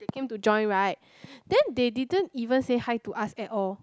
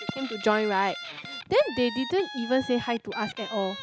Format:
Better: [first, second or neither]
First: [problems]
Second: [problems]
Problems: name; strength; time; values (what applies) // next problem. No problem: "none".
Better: first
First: none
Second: background sound (Guitar); 11 dB below the speech